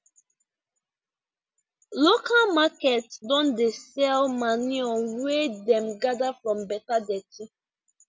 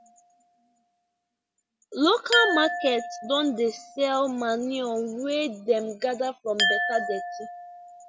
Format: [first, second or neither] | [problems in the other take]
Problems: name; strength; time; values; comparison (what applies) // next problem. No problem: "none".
first | background sound (Glass); 5 dB below the speech